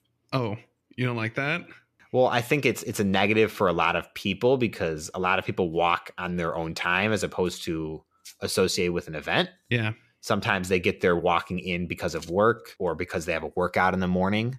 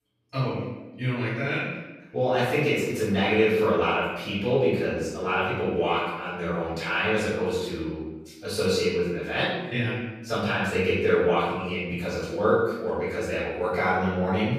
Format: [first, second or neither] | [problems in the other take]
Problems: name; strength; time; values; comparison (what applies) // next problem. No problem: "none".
first | room echo; strong; dies away in 1 s // off-mic speech; far